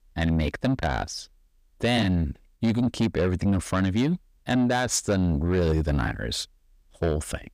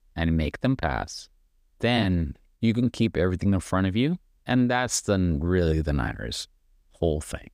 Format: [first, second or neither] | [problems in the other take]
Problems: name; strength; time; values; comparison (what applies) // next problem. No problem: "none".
second | distortion; slight; 10 dB below the speech